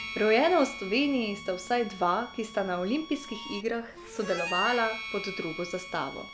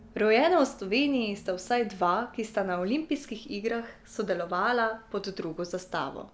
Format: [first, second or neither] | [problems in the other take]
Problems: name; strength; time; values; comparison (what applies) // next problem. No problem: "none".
second | background sound (Harmonica); 11 dB below the speech